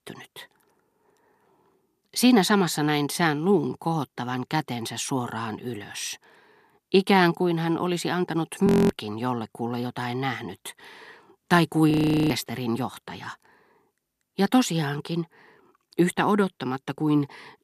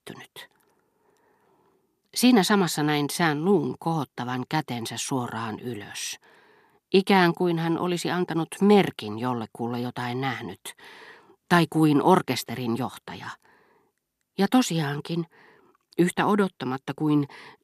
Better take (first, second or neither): second